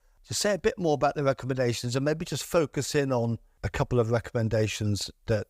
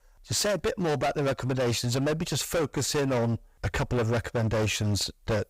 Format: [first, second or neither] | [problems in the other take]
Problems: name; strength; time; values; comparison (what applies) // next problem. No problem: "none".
first | distortion; heavy; 23% of the sound clipped